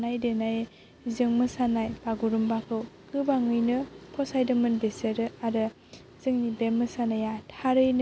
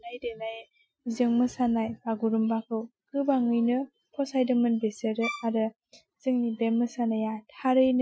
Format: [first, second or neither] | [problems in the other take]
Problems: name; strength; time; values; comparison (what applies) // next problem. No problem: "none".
first | noise reduction (classical method Wiener filter)